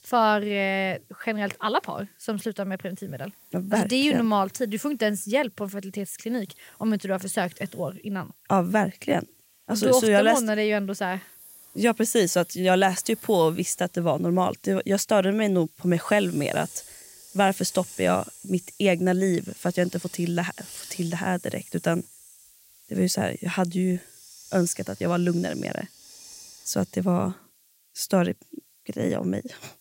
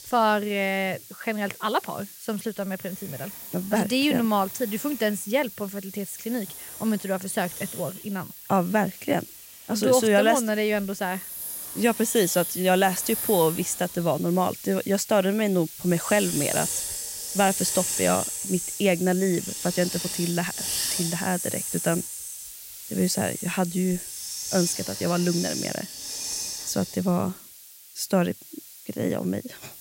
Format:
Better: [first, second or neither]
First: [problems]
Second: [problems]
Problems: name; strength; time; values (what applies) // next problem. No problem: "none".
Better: first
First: hiss; faint; throughout; 20 dB below the speech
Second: hiss; loud; throughout; 6 dB below the speech